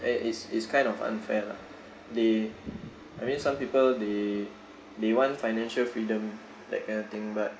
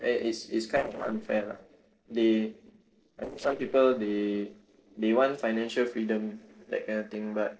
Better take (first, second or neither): first